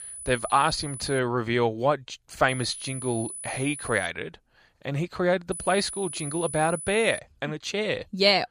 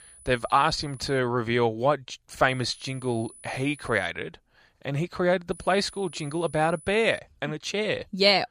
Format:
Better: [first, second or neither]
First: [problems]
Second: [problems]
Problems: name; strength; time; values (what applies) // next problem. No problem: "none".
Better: second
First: high-pitched whine; loud; until 1 s, from 2.5 to 4 s and from 5.5 to 7 s; 10 kHz, 10 dB below the speech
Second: high-pitched whine; faint; until 1 s, from 2.5 to 4 s and from 5.5 to 7 s; 10 kHz, 20 dB below the speech